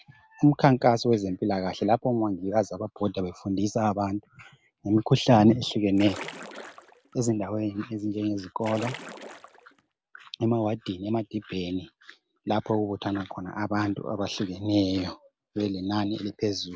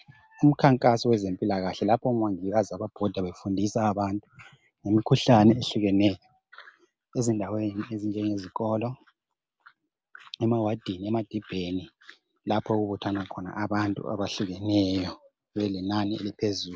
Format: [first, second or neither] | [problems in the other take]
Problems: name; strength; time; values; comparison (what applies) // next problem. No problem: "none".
second | background sound (Splash, splatter); 14 dB below the speech